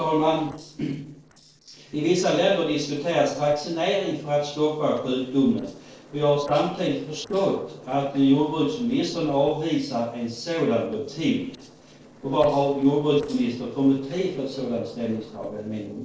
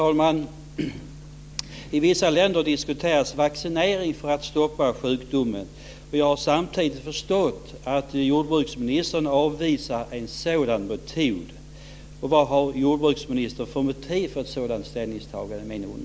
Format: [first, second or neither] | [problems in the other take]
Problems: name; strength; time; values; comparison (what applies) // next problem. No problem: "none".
second | noise reduction (neural separator model SepFormer DNS4)